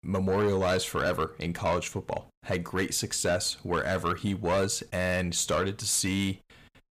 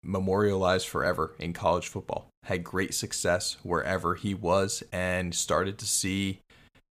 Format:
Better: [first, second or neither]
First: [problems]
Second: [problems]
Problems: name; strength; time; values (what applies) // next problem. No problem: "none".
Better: second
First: distortion; slight; 10 dB below the speech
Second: none